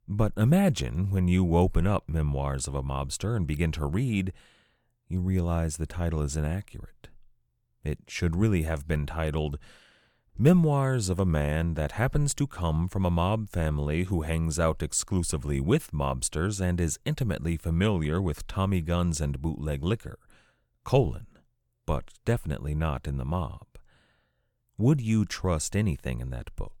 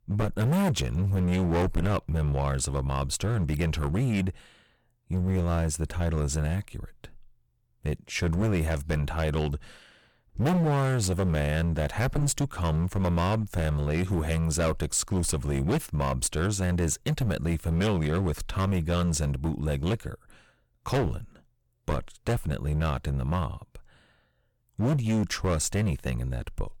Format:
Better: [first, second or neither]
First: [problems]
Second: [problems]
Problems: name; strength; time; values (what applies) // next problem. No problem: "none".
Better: first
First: none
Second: distortion; heavy; 16% of the sound clipped